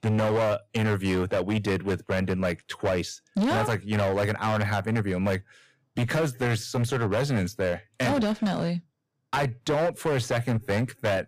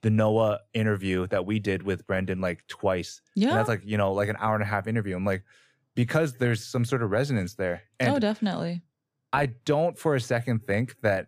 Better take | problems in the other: second | distortion; heavy; 16% of the sound clipped

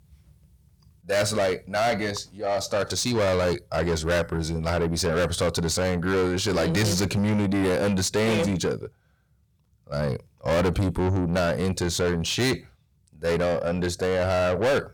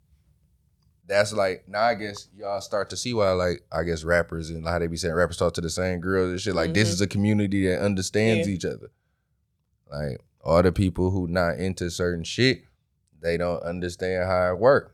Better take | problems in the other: second | distortion; heavy; 6 dB below the speech

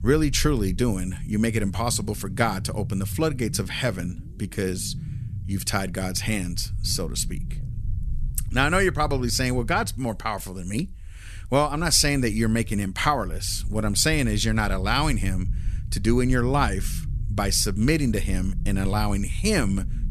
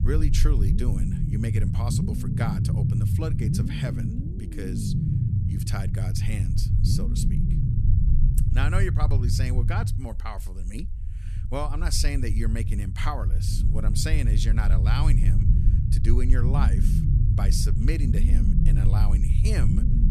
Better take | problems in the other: first | low rumble; loud; throughout; 3 dB below the speech; faint in the first

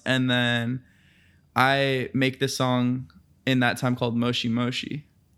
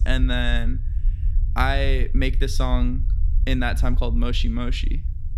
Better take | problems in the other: first | low rumble; noticeable; throughout; 20 dB below the speech

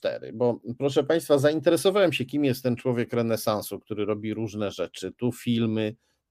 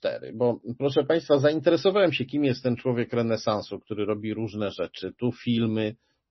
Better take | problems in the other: first | garbled, watery; slightly; nothing above 6 kHz

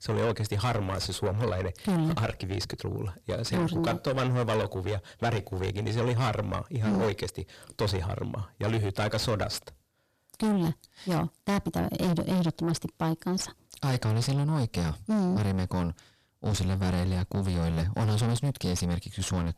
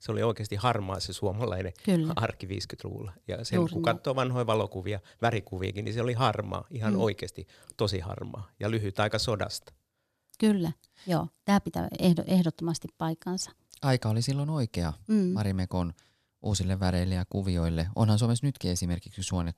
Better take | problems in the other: second | distortion; heavy; 5 dB below the speech

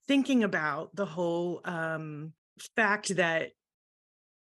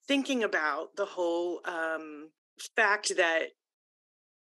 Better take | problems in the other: first | thin; very slightly; fading below 300 Hz

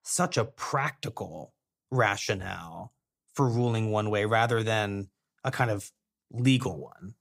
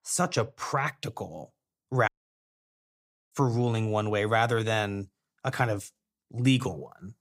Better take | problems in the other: first | audio cutting out; at 2 s for 1 s

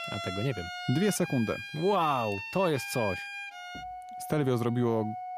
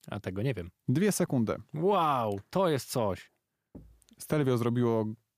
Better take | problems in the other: second | background music; loud; throughout; 9 dB below the speech

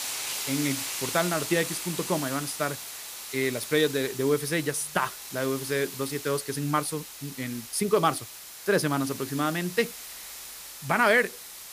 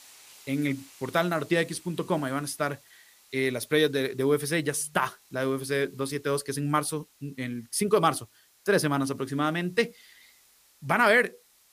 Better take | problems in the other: second | hiss; loud; throughout; 8 dB below the speech; faint in the second

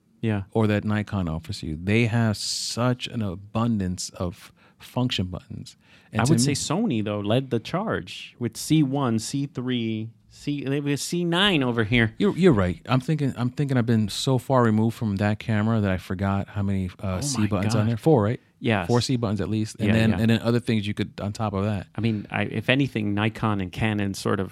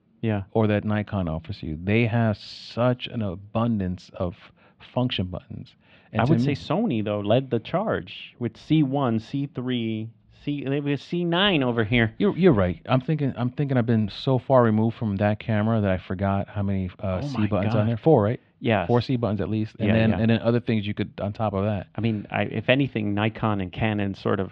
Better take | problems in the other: first | muffled; very; fading above 3.5 kHz

